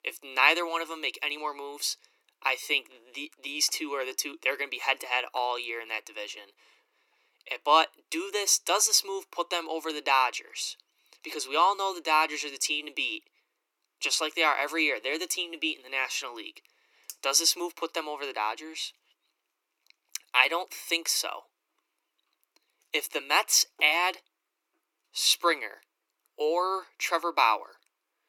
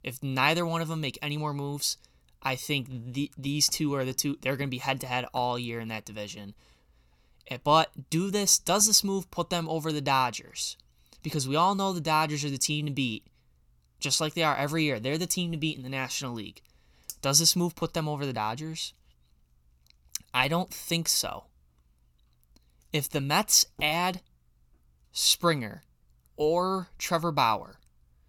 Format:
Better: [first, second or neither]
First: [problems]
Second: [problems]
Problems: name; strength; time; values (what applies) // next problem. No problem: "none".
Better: second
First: thin; very; fading below 300 Hz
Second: none